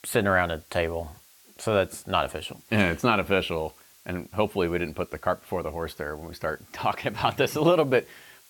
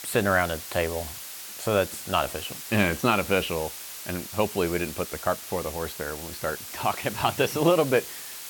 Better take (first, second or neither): first